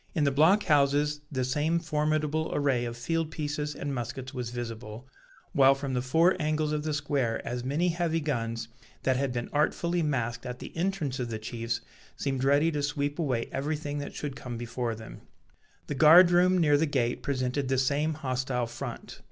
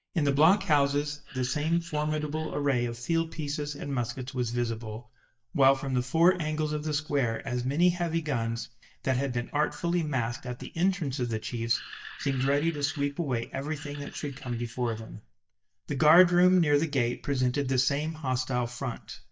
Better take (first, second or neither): first